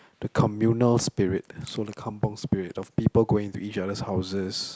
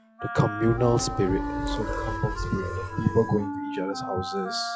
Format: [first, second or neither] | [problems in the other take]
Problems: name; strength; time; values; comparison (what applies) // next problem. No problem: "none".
first | noise reduction (classical method log-MMSE)